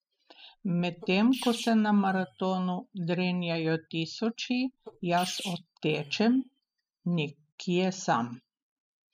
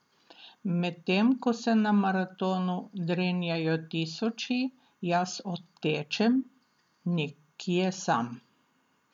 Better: second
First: noise reduction (classical method spectral subtraction)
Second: none

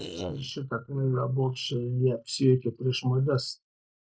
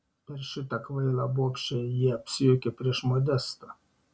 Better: second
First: noise reduction (neural mask model Resemble Enhance denoiser)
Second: none

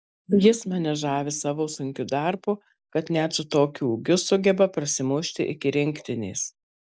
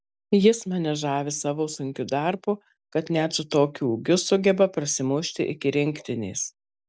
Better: second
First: noise reduction (neural mask model Resemble Enhance denoiser)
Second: none

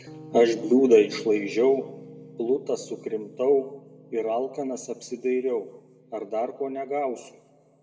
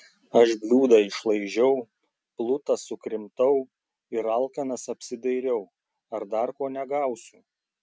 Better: second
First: background sound (Piano); 20 dB below the speech // room echo; dies away in 1.1 s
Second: none

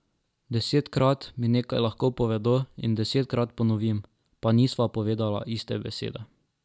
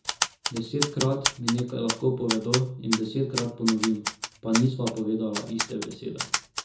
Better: first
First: none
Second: background sound (Typewriter); 5 dB below the speech // room echo; dies away in 0.5 s

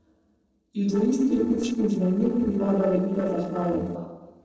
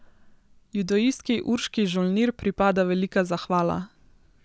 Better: second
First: noise reduction (neural separator model SepFormer DNS4)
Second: none

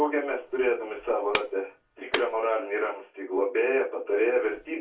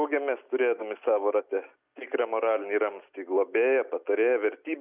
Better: second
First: background sound (Clapping); 14 dB below the speech // room echo; dies away in 0.2 s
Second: none

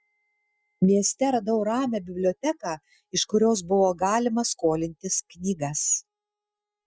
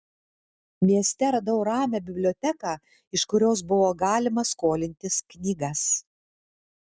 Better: second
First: noise reduction (classical method Wiener filter)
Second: none

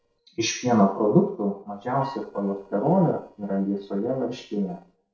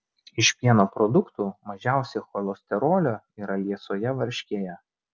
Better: second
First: noise reduction (neural separator model SepFormer DNS4)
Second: none

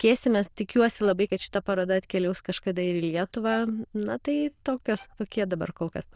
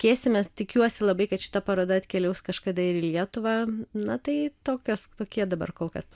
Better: second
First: noise reduction (neural diffusion model UNIVERSE++)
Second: none

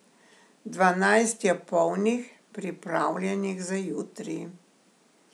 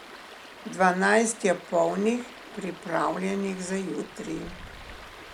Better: first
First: none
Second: background sound (Stream); 16 dB below the speech

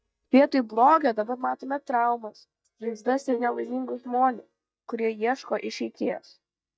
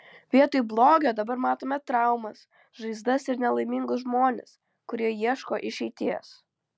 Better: second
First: noise reduction (neural mask model DeepFilterNet 3)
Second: none

